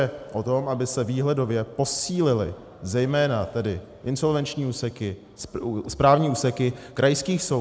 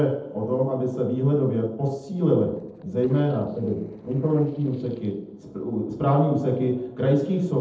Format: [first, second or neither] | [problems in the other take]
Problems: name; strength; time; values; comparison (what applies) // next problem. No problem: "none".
first | noise reduction (neural separator model SepFormer DNS4)